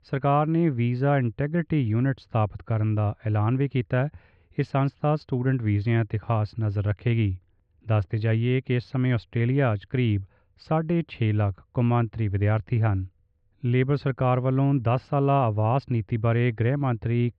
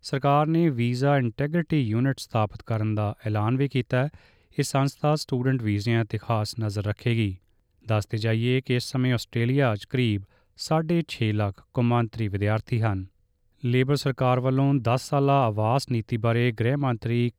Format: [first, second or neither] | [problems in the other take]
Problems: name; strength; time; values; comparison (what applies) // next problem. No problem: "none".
second | muffled; very; fading above 2.5 kHz